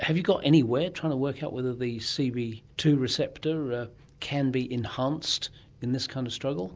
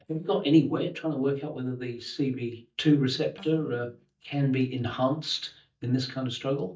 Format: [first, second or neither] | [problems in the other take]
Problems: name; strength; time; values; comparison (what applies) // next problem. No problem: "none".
first | noise reduction (neural mask model DeepFilterNet 3)